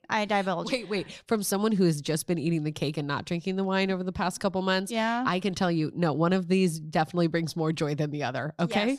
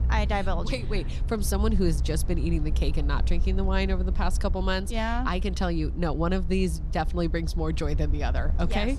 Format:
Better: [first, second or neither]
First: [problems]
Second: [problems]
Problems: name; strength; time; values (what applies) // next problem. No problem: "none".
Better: first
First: none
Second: low rumble; noticeable; throughout; 15 dB below the speech